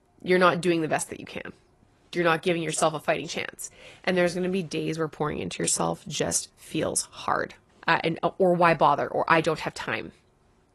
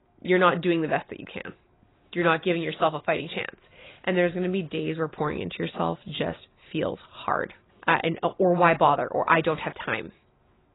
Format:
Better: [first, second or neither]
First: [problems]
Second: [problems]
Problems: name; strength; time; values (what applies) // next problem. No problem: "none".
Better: first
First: garbled, watery; slightly; nothing above 11 kHz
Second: garbled, watery; badly; nothing above 4 kHz